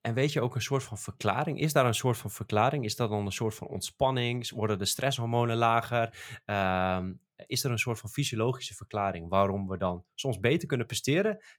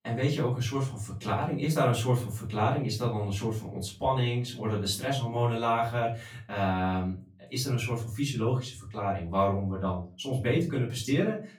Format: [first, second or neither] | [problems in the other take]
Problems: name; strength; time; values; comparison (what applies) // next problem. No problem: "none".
first | room echo; slight; dies away in 0.3 s // off-mic speech; far